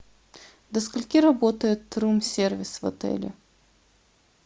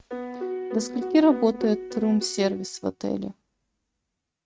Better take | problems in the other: first | noise reduction (neural mask model RNNoise)

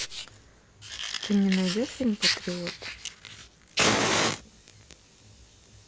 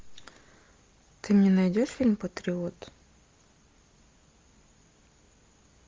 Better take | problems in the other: second | background sound (Fire); 1 dB above the speech

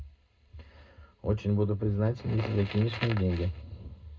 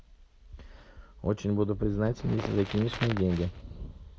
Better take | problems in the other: second | room echo; dies away in 0.2 s

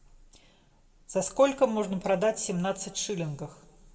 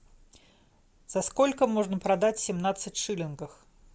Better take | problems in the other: second | room echo; dies away in 0.9 s

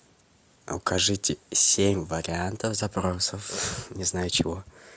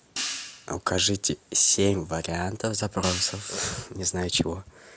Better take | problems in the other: first | background sound (Hi-hat); 11 dB below the speech

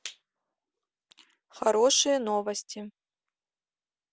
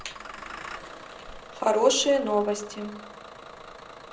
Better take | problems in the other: first | background sound (Engine starting / Bus); 14 dB below the speech // room echo; dies away in 0.5 s

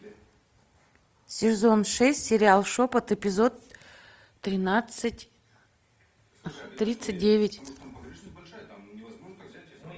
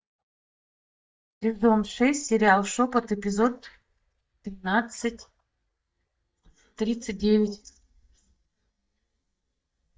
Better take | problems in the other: first | noise reduction (neural mask model DeepFilterNet 3)

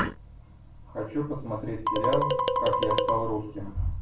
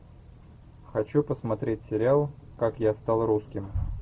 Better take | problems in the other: second | background sound (Marimba, xylophone); 3 dB above the speech // room echo; dies away in 0.3 s

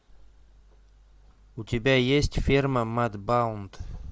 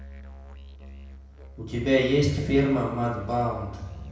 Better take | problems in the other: first | background sound (Musical instrument); 15 dB below the speech // room echo; dies away in 0.9 s

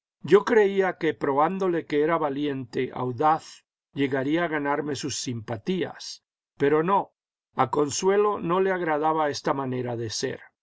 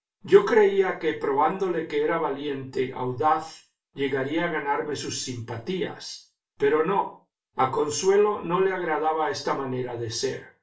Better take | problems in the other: first | room echo; dies away in 0.3 s

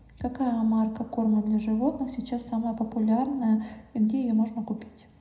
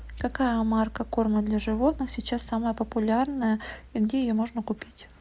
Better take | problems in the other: second | room echo; dies away in 0.8 s

